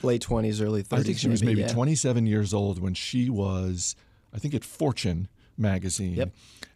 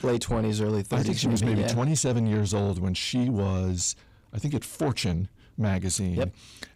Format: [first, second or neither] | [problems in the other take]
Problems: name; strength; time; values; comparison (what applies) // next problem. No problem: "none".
first | distortion; slight; 10 dB below the speech